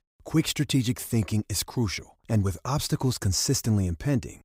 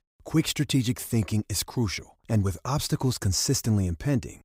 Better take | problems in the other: neither | none

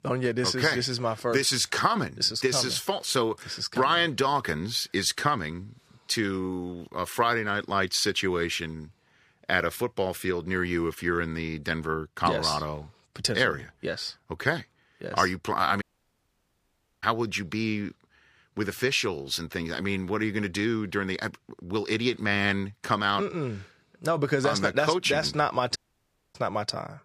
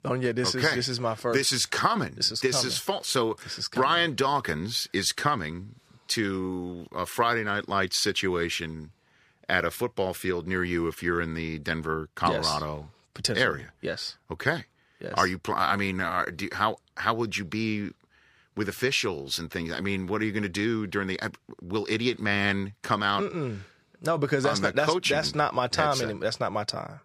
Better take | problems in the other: second | audio cutting out; at 16 s for 1 s and at 26 s for 0.5 s

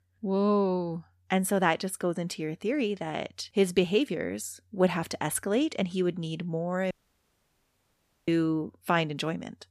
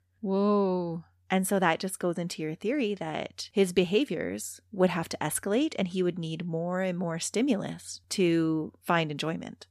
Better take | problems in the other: second | audio cutting out; at 7 s for 1.5 s

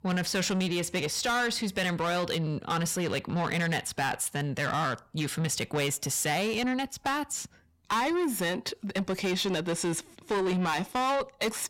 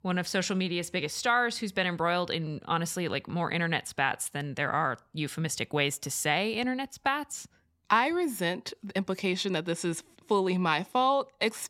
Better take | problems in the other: second | distortion; heavy; 7 dB below the speech

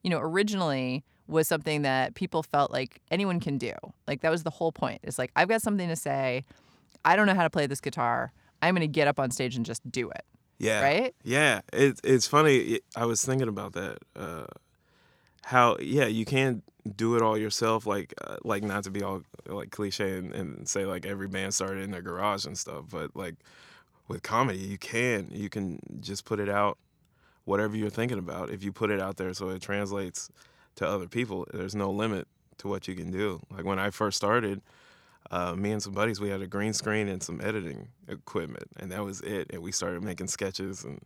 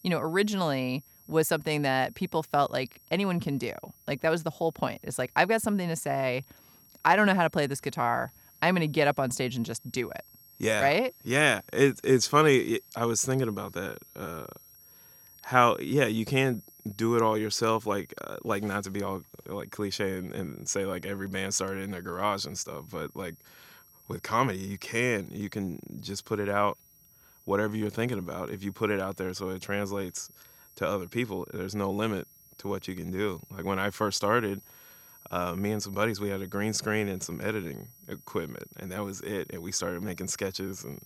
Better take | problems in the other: first | high-pitched whine; faint; throughout; 11.5 kHz, 25 dB below the speech

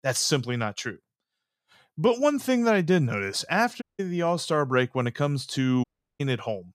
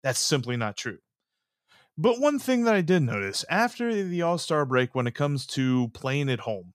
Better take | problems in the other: second | audio cutting out; at 4 s and at 6 s

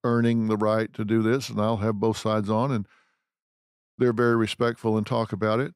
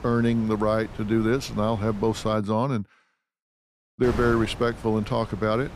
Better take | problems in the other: first | wind noise on the microphone; occasional gusts; until 2.5 s and from 4 s on; 15 dB below the speech

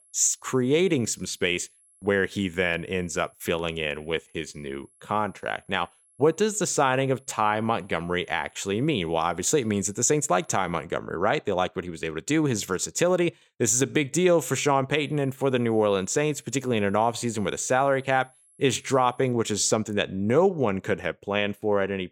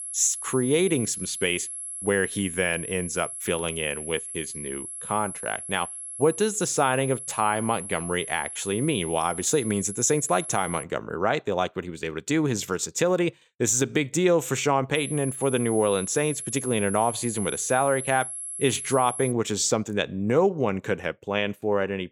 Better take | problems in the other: first | high-pitched whine; loud; until 11 s and from 15 to 19 s; 11 kHz, 8 dB below the speech; faint in the first

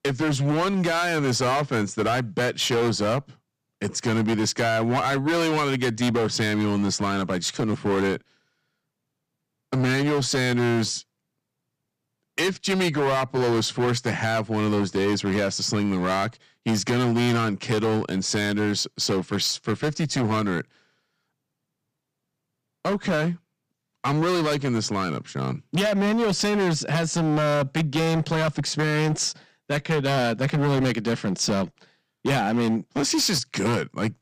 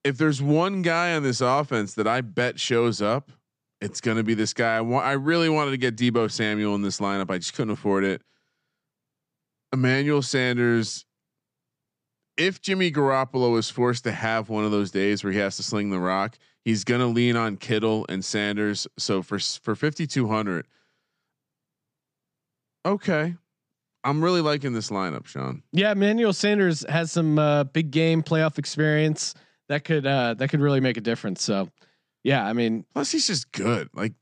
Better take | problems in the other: second | distortion; heavy; 18% of the sound clipped

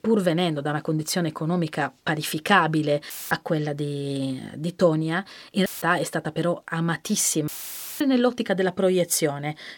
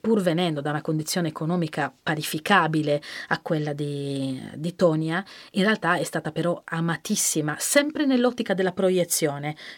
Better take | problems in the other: second | audio cutting out; filled with static; at 3 s, at 5.5 s and at 7.5 s for 0.5 s

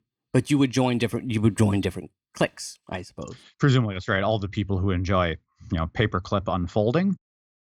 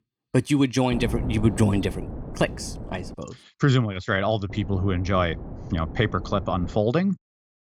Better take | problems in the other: first | wind noise on the microphone; occasional gusts; from 1 to 3 s and from 4.5 to 7 s; 15 dB below the speech

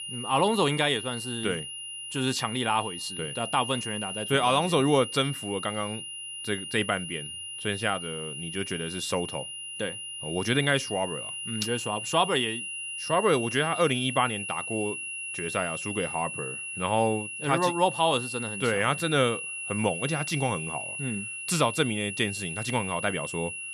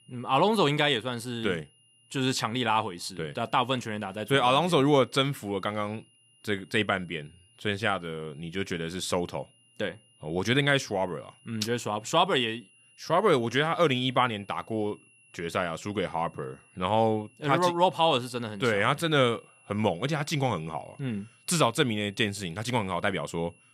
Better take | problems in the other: second | high-pitched whine; loud; throughout; 2.5 kHz, 6 dB below the speech; faint in the second

